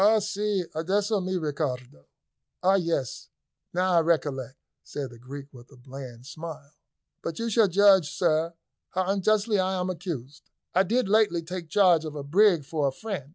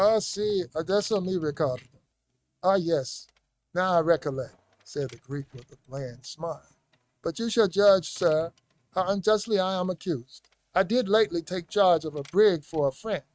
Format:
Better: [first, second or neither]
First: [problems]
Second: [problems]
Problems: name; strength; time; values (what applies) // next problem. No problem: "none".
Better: first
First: none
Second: noise reduction (neural mask model RNNoise)